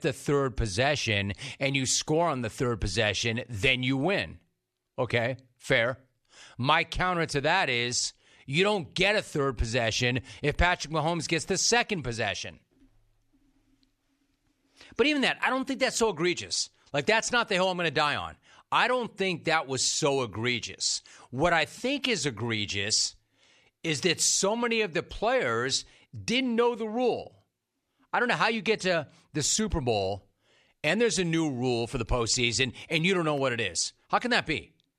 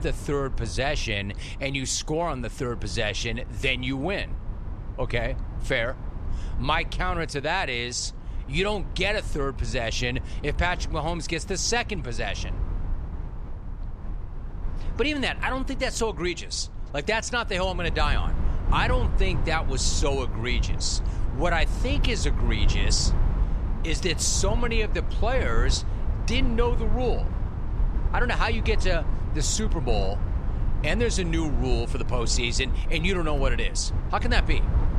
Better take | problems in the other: first | low rumble; noticeable; throughout; 15 dB below the speech

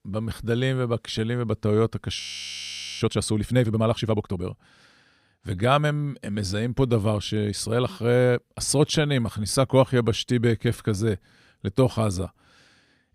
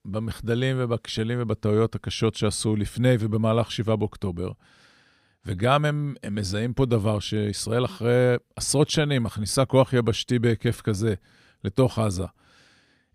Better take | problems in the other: second | audio freezing; at 2 s for 1 s

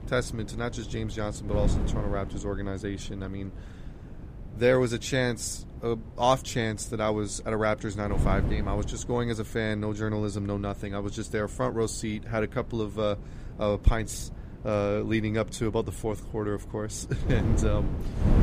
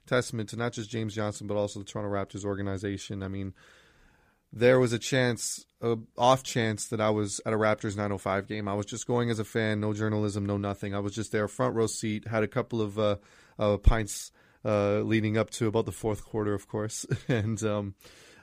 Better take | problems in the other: second | wind noise on the microphone; occasional gusts; 15 dB below the speech

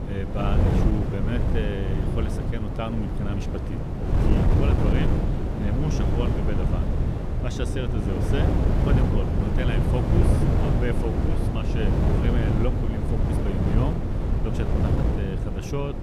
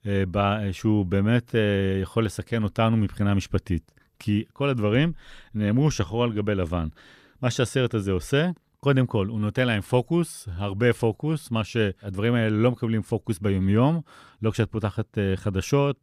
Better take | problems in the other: second | wind noise on the microphone; heavy; 2 dB above the speech

